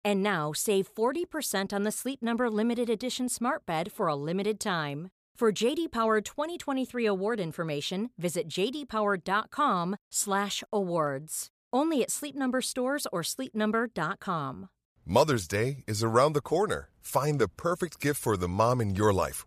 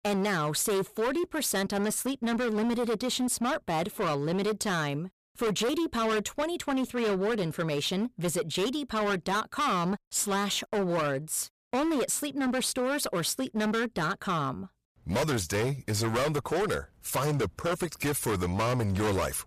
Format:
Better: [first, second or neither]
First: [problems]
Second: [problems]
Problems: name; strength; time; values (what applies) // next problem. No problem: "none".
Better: first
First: none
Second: distortion; heavy; 23% of the sound clipped